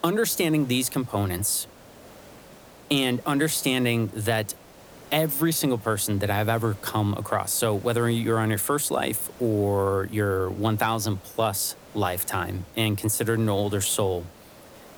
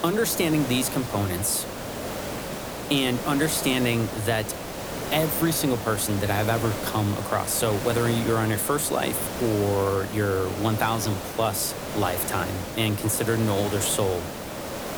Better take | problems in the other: first | hiss; loud; throughout; 7 dB below the speech; faint in the first

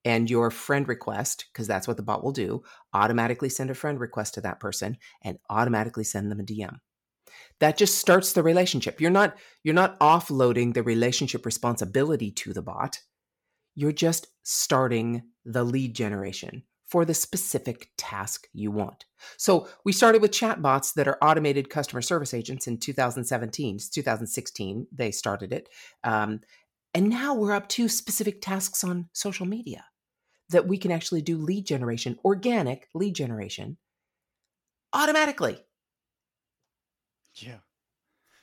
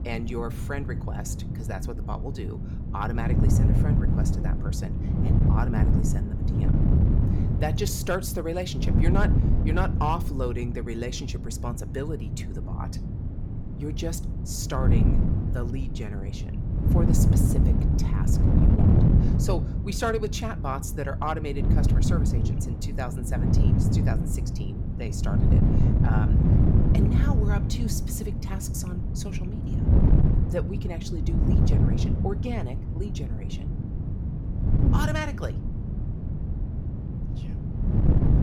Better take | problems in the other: first | wind noise on the microphone; heavy; 2 dB below the speech

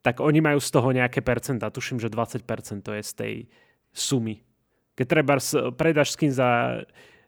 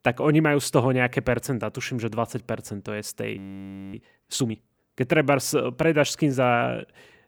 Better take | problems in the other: first | audio freezing; at 3.5 s for 0.5 s

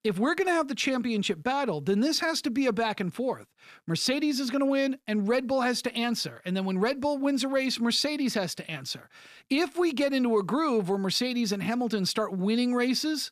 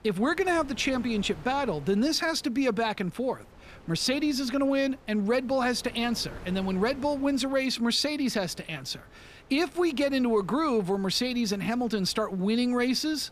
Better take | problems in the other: first | wind noise on the microphone; occasional gusts; 25 dB below the speech

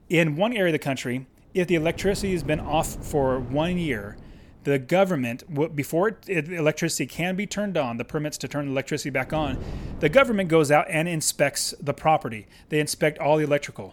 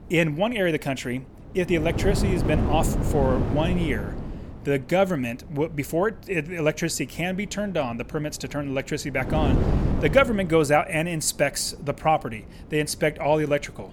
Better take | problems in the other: first | wind noise on the microphone; heavy; 8 dB below the speech; occasional gusts in the first

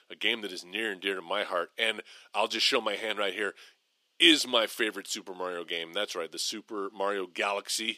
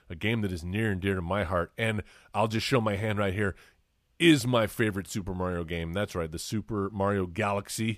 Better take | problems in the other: second | thin; somewhat; fading below 300 Hz

